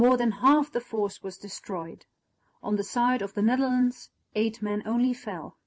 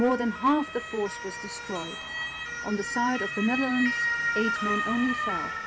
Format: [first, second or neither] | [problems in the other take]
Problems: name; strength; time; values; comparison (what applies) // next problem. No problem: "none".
first | background sound (Motor vehicle (road) / Siren); 3 dB below the speech